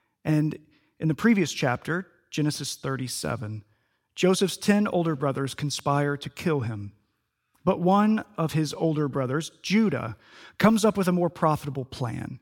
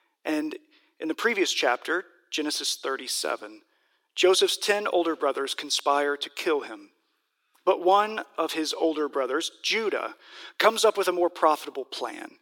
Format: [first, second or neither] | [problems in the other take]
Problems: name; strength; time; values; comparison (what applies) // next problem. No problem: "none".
first | thin; very; fading below 350 Hz